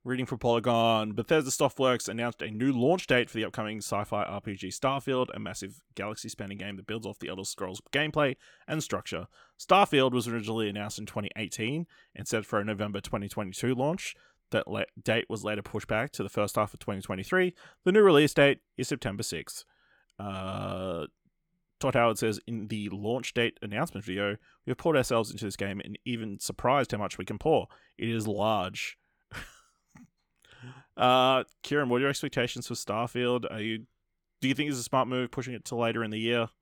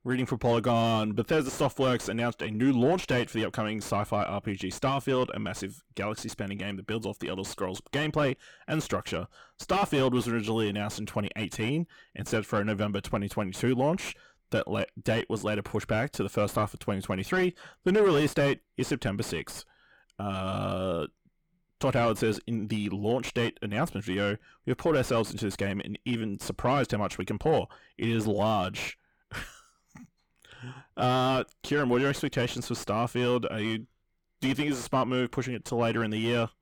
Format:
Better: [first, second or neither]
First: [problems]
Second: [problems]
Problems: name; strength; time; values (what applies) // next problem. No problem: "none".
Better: first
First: none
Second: distortion; heavy; 7 dB below the speech